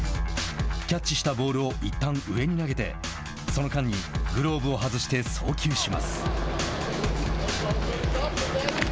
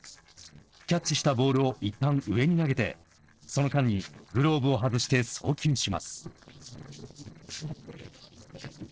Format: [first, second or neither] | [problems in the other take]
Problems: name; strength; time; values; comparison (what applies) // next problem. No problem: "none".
first | noise reduction (neural separator model SepFormer DNS4)